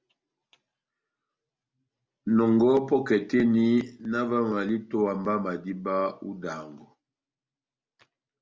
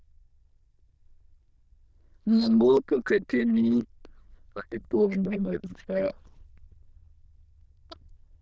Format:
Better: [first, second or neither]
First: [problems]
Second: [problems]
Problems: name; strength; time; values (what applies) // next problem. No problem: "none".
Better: first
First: none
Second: noise reduction (neural diffusion model UNIVERSE++)